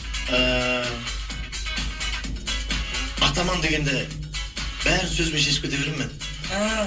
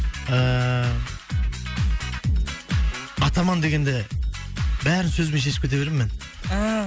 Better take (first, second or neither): second